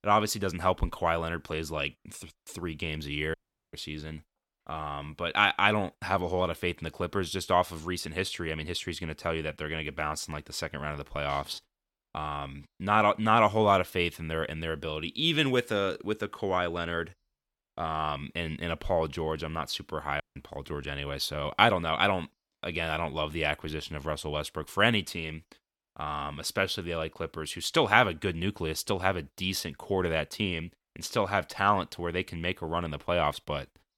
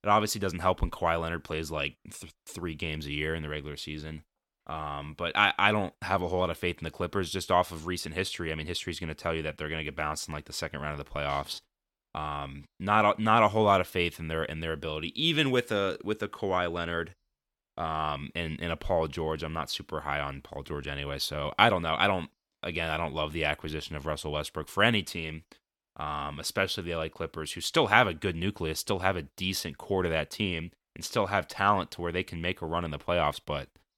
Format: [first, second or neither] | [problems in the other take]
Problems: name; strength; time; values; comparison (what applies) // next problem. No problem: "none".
second | audio cutting out; at 3.5 s and at 20 s